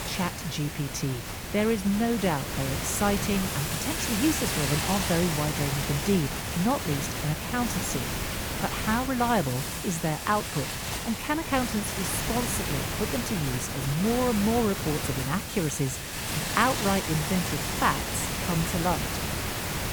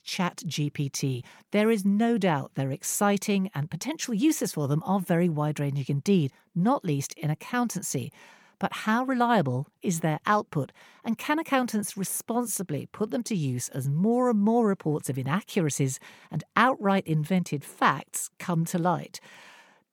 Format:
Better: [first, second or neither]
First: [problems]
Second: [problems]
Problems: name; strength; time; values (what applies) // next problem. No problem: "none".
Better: second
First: hiss; loud; throughout; 2 dB below the speech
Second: none